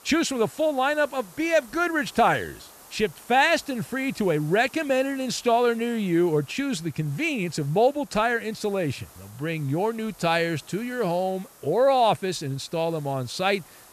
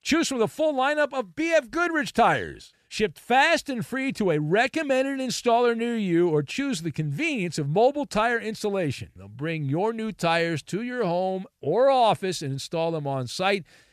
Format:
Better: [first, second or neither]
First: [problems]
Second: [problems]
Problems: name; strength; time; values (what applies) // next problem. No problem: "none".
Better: second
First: hiss; faint; throughout; 25 dB below the speech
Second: none